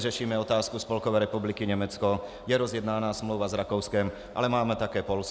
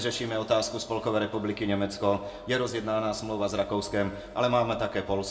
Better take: first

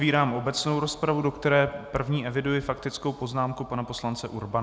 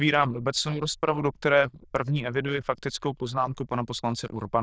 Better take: first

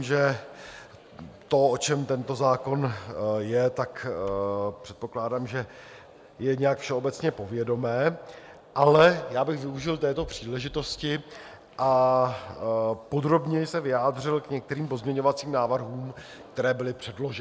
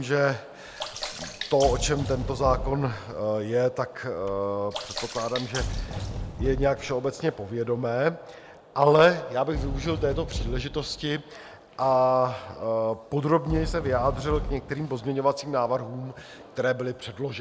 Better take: first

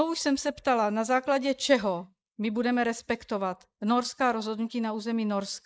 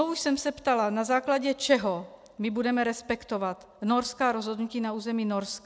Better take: second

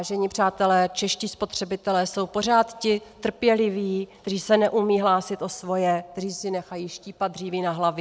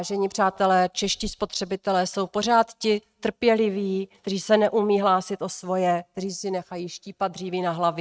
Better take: first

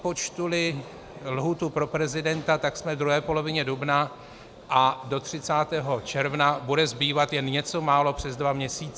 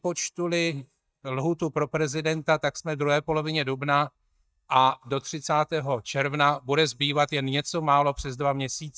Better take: first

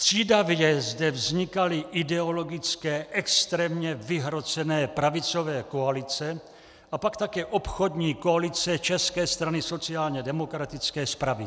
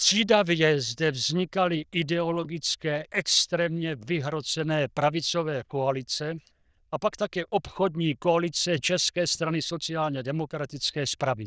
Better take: first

